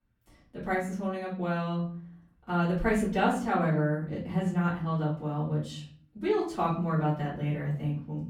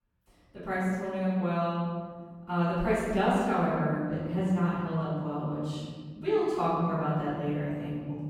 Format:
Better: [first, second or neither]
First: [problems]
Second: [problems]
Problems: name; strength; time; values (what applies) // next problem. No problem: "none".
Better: first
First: room echo; slight; dies away in 0.6 s // off-mic speech; far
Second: room echo; strong; dies away in 2 s // off-mic speech; far